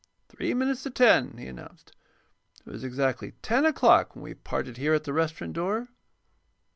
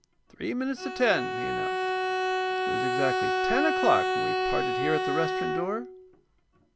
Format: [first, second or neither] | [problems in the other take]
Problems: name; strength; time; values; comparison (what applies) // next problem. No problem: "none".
first | background sound (Bowed string instrument); 2 dB above the speech